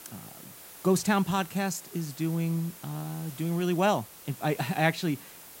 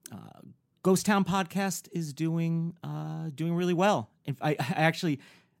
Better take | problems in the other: second | hiss; noticeable; throughout; 15 dB below the speech

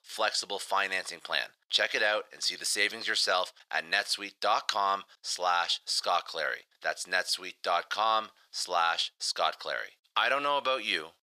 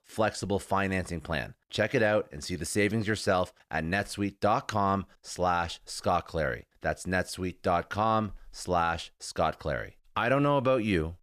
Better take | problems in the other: second | thin; very; fading below 800 Hz

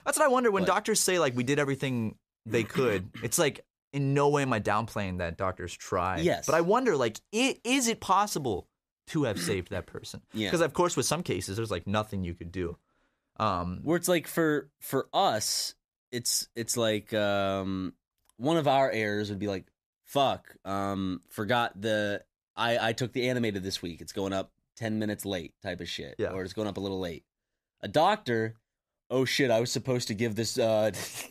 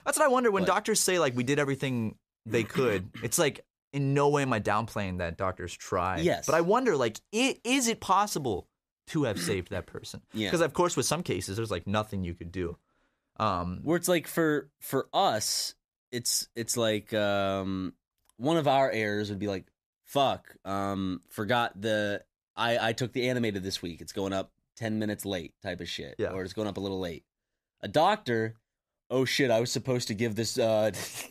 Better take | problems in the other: neither | none

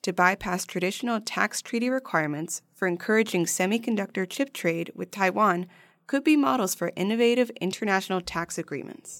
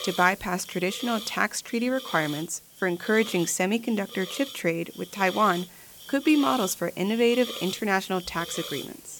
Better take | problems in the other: first | hiss; noticeable; throughout; 10 dB below the speech

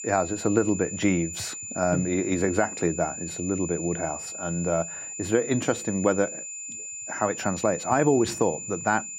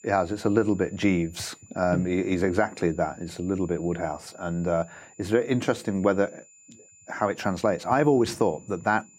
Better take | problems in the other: second | high-pitched whine; loud; throughout; 7 kHz, 8 dB below the speech; faint in the second

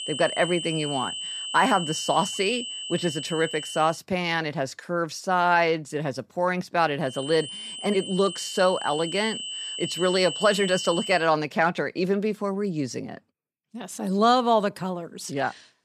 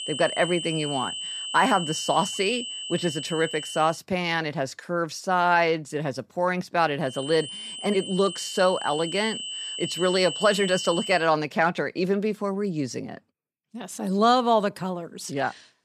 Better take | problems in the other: neither | high-pitched whine; loud; until 4 s and from 7 to 11 s; 3 kHz, 7 dB below the speech; the same in both

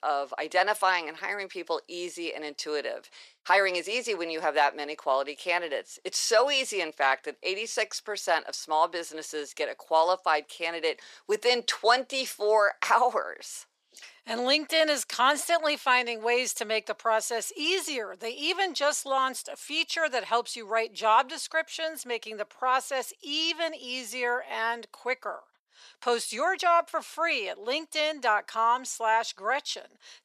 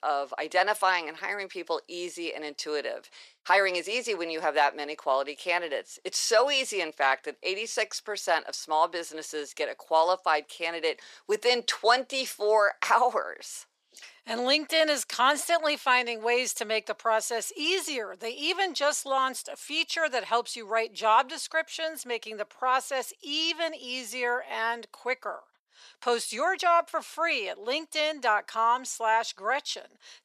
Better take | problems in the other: neither | thin; very; fading below 500 Hz; the same in both

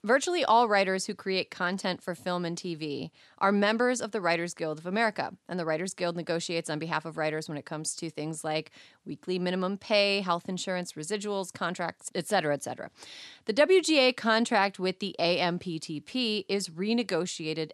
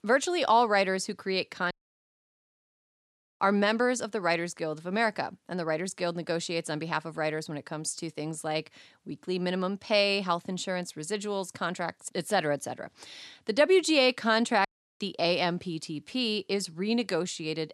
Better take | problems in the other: first | audio cutting out; at 1.5 s for 1.5 s and at 15 s

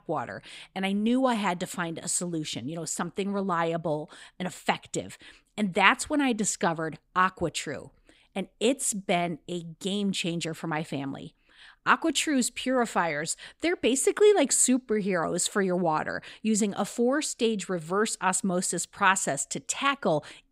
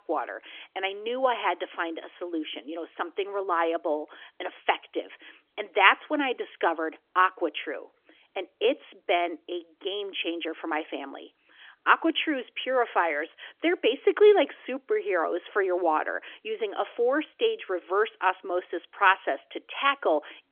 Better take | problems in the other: first | phone-call audio; nothing above 3.5 kHz

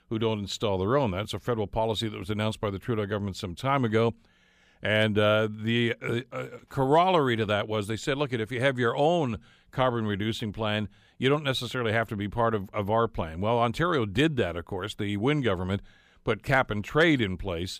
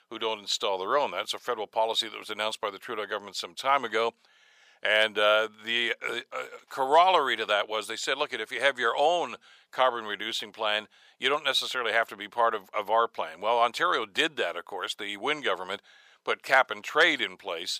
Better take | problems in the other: first | thin; very; fading below 700 Hz

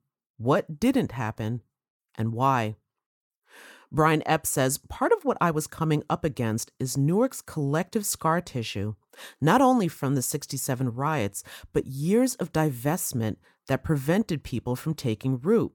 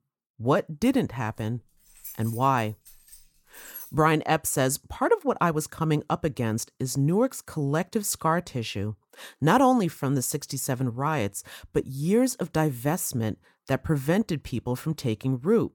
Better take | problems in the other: first | jangling keys; faint; from 1.5 to 4 s; peak 15 dB below the speech

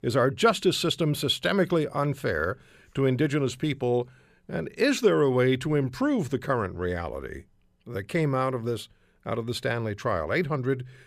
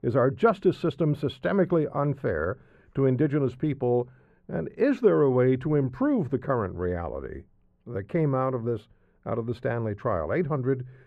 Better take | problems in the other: first | muffled; very; fading above 2.5 kHz

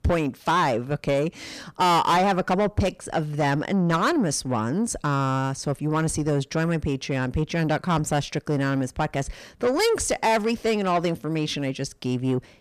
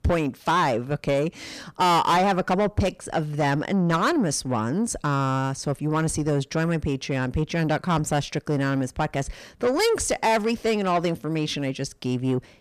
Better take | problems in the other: neither | distortion; heavy; 7 dB below the speech; the same in both

